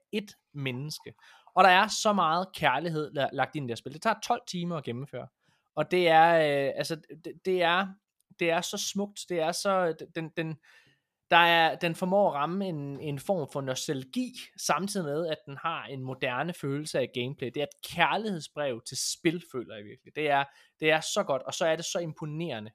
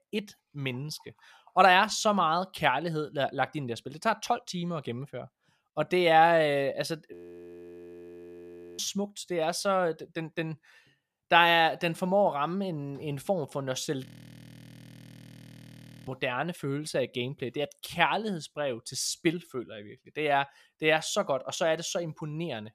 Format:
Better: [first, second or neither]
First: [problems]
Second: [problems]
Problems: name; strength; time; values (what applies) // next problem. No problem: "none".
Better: first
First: none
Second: audio freezing; at 7 s for 1.5 s and at 14 s for 2 s